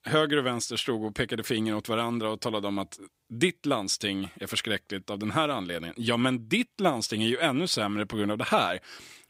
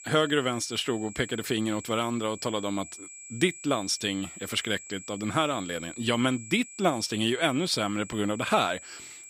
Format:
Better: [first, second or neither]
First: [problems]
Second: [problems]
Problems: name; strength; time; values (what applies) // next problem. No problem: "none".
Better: first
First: none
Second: high-pitched whine; noticeable; throughout; 7.5 kHz, 15 dB below the speech